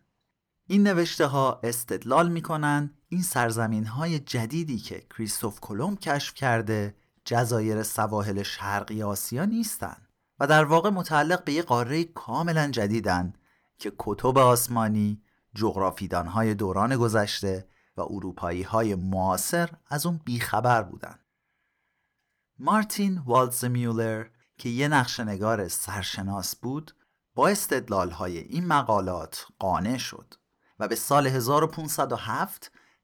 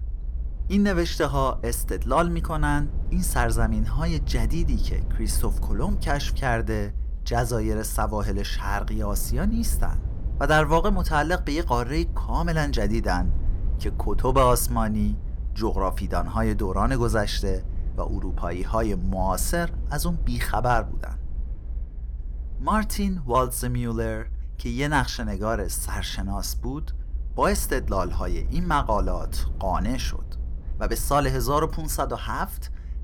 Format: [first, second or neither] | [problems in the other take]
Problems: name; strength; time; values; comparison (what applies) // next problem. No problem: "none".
first | low rumble; faint; throughout; 25 dB below the speech